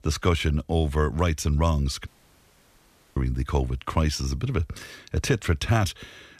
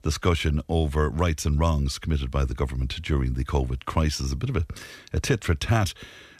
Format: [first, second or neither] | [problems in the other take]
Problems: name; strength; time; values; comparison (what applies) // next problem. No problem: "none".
second | audio cutting out; at 2 s for 1 s